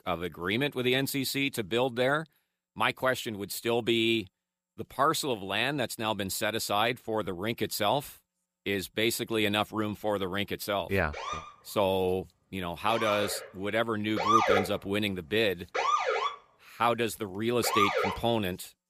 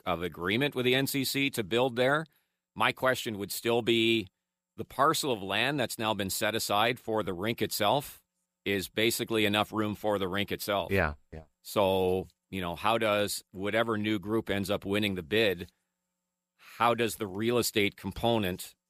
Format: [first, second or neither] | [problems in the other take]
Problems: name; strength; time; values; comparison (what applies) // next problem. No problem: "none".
second | siren; loud; from 11 to 18 s; peak 6 dB above the speech